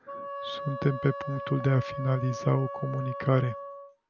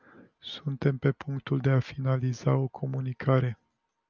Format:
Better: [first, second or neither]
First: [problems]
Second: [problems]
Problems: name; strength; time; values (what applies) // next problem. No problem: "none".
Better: second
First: background sound (Wind instrument, woodwind instrument); 9 dB below the speech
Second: none